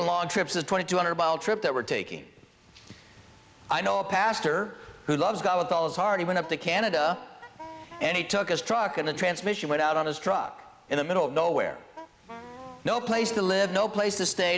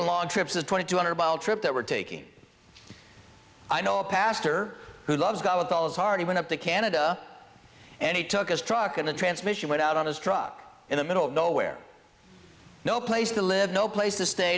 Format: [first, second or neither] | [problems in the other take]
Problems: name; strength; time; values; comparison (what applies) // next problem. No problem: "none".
second | background sound (Wind instrument, woodwind instrument); 17 dB below the speech